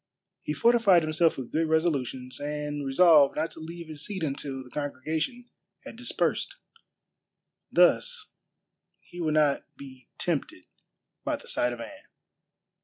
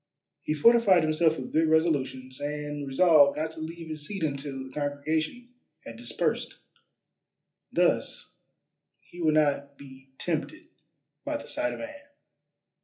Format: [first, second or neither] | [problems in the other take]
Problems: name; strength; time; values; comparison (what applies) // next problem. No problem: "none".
first | room echo; dies away in 0.3 s